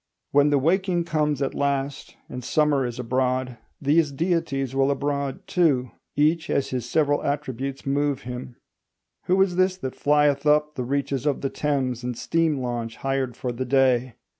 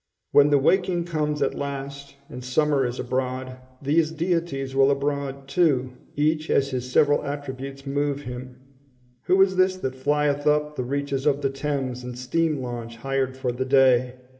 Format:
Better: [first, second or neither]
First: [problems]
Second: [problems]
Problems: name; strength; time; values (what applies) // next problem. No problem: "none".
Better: first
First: none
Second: room echo; dies away in 1.8 s